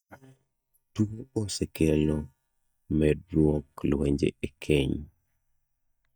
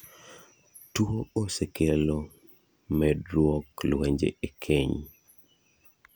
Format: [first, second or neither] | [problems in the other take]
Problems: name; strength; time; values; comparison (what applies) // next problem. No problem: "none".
second | noise reduction (neural mask model DeepFilterNet 3)